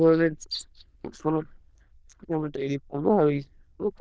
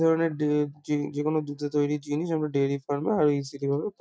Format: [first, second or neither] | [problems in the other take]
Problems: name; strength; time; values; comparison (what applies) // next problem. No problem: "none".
second | noise reduction (neural diffusion model UNIVERSE++)